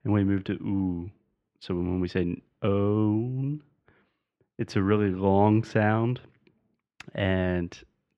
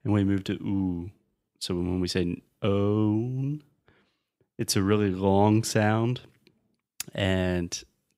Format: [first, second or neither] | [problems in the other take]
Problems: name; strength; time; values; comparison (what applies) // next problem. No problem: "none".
second | muffled; very; fading above 2 kHz